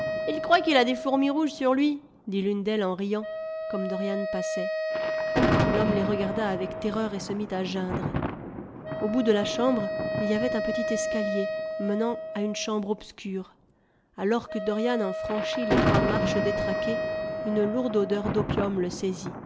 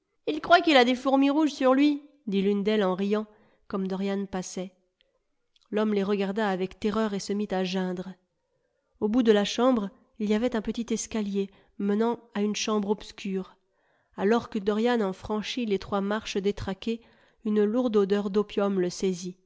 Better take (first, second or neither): second